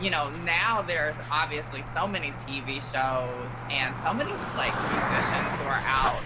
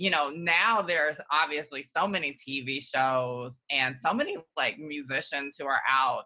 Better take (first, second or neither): second